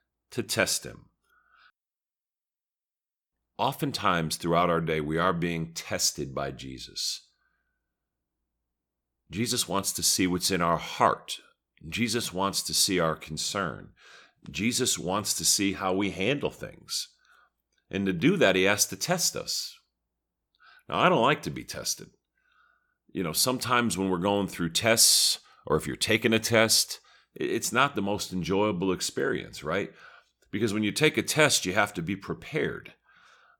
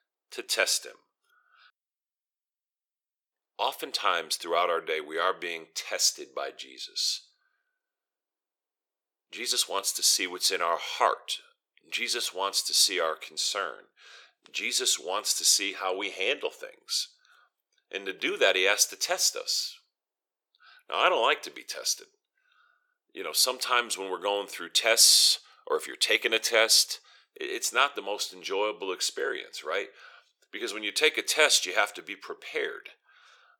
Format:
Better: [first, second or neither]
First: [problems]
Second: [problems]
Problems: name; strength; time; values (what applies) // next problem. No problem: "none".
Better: first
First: none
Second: thin; very; fading below 450 Hz